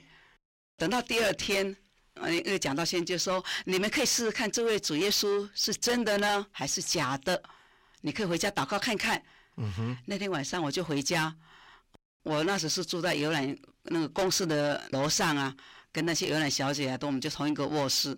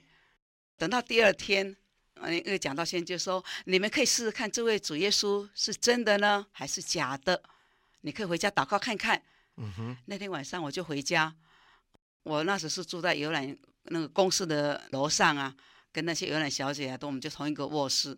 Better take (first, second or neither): second